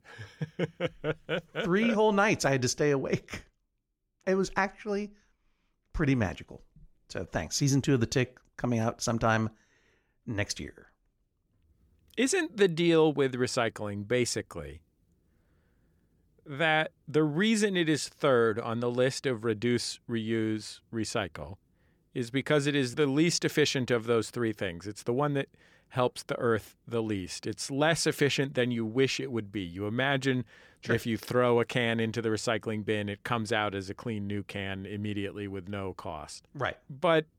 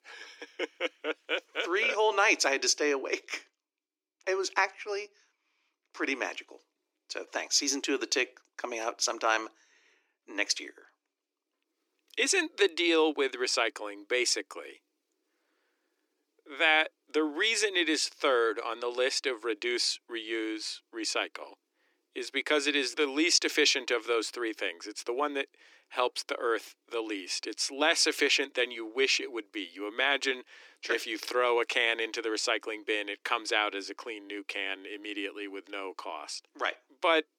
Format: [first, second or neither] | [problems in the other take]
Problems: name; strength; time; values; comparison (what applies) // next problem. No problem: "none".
first | thin; somewhat; fading below 300 Hz